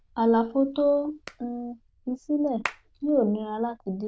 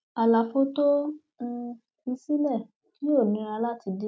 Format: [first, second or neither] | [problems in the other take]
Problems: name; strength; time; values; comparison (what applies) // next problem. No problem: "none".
second | noise reduction (neural diffusion model UNIVERSE++)